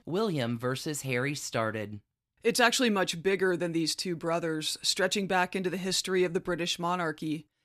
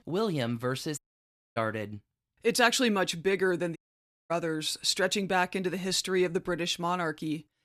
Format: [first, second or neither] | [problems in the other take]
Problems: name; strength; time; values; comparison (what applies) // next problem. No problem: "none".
first | audio cutting out; at 1 s for 0.5 s and at 4 s for 0.5 s